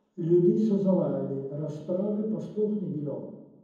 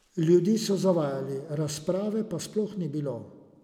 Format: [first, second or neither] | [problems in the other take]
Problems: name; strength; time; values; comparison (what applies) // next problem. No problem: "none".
second | room echo; dies away in 1.2 s